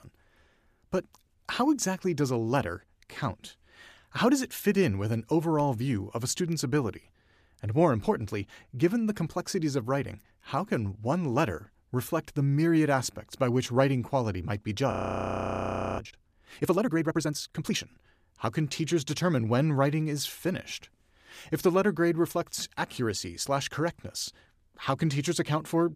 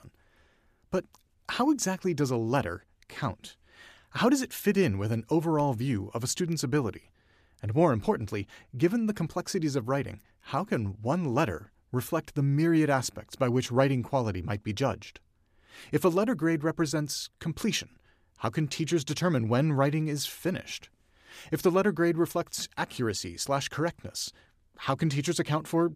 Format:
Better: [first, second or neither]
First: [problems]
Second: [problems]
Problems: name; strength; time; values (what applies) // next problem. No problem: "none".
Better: second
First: audio freezing; at 15 s for 1 s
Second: none